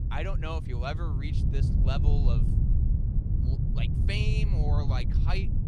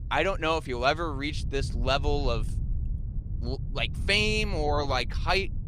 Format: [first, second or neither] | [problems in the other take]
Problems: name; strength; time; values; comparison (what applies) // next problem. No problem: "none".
second | wind noise on the microphone; heavy; 4 dB below the speech; occasional gusts in the second